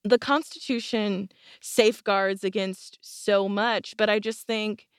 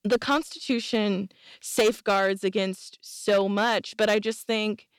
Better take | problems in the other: first | distortion; slight; 4% of the sound clipped

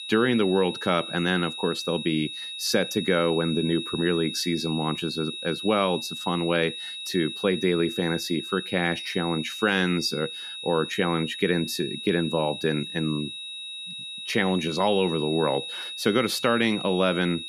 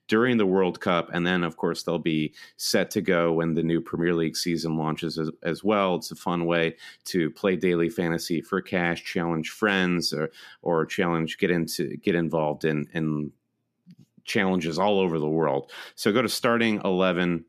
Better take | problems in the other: second | high-pitched whine; loud; throughout; 4 kHz, 7 dB below the speech

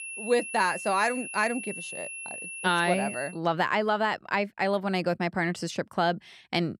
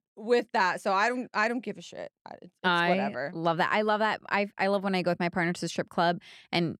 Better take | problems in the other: second | high-pitched whine; loud; until 3.5 s; 2.5 kHz, 8 dB below the speech

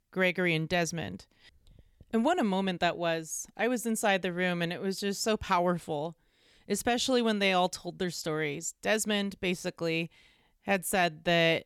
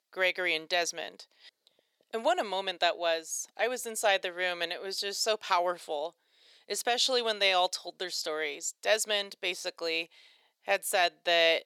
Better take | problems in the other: first | thin; very; fading below 450 Hz

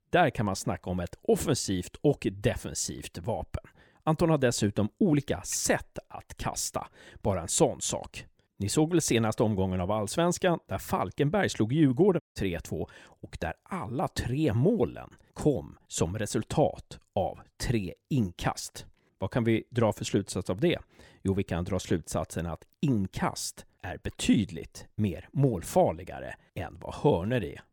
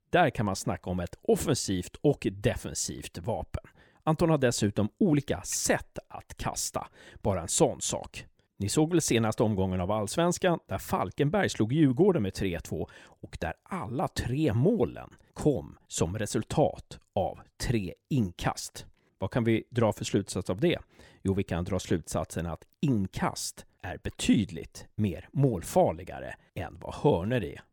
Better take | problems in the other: second | audio cutting out; at 12 s

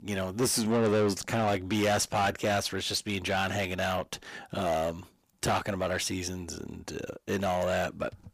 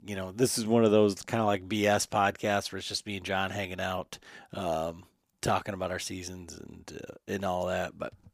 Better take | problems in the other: second | distortion; heavy; 6 dB below the speech

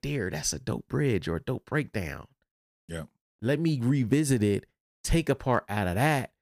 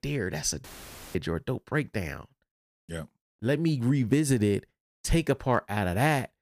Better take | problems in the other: first | audio cutting out; filled with static; at 0.5 s for 0.5 s

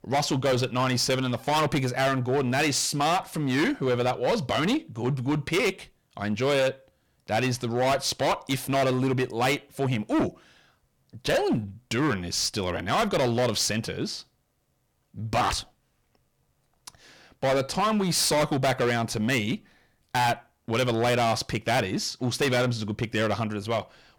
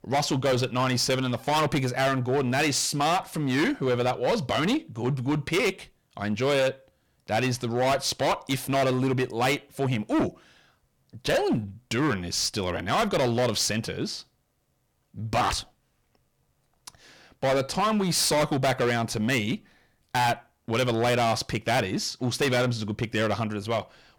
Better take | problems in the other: neither | distortion; heavy; 14% of the sound clipped; the same in both

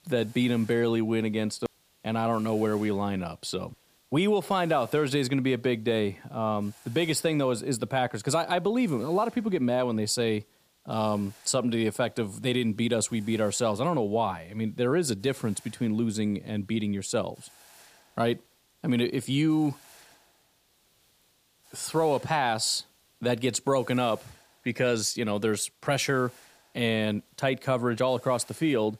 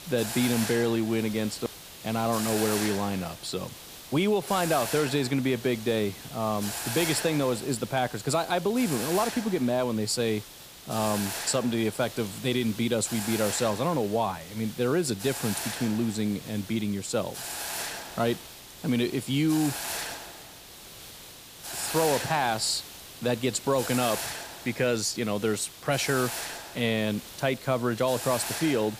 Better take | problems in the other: first | hiss; loud; throughout; 8 dB below the speech; faint in the first

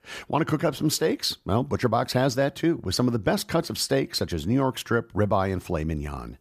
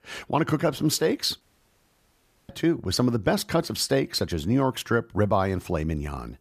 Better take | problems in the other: first | audio cutting out; at 1.5 s for 1 s

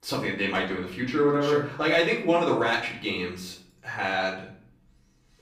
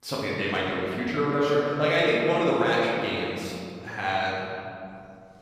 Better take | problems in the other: first | room echo; strong; dies away in 2.5 s; slight in the first // off-mic speech; far; far in the first

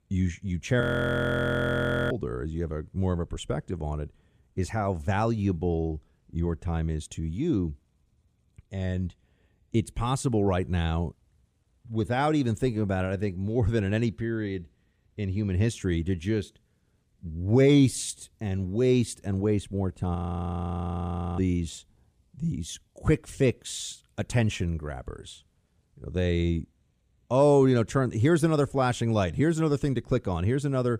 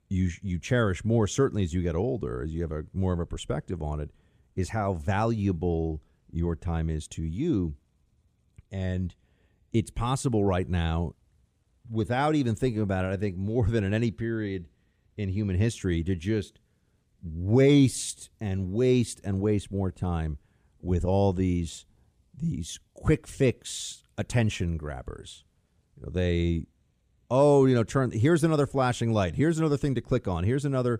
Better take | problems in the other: second | audio freezing; at 1 s for 1.5 s and at 20 s for 1 s

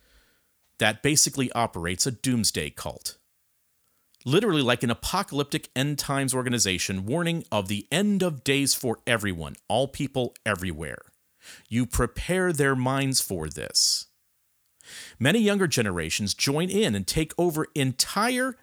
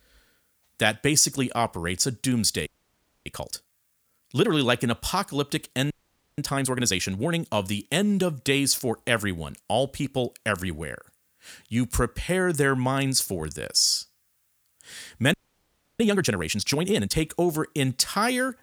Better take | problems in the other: first | audio freezing; at 2.5 s for 0.5 s, at 6 s and at 15 s for 0.5 s

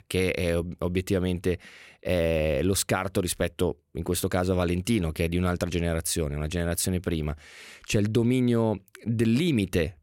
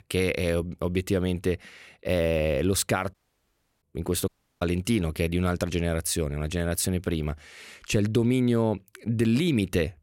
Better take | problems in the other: first | audio cutting out; at 3 s for 0.5 s and at 4.5 s

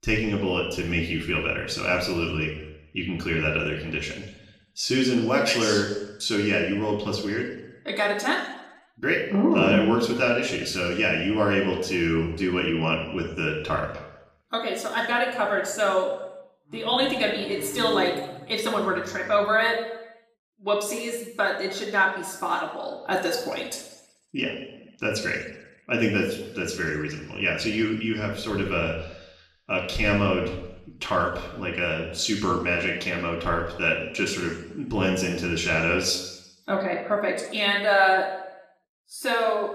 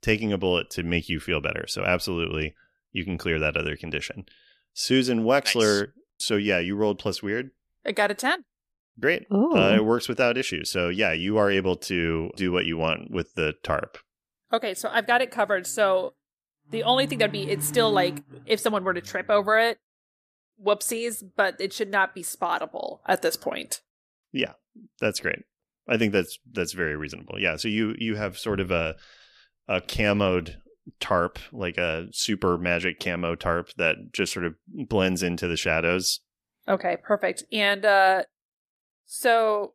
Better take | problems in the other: second | room echo; noticeable; dies away in 0.8 s // off-mic speech; far

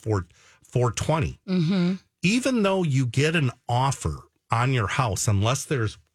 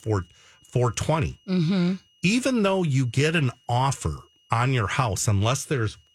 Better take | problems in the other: first | high-pitched whine; faint; throughout; 3 kHz, 35 dB below the speech

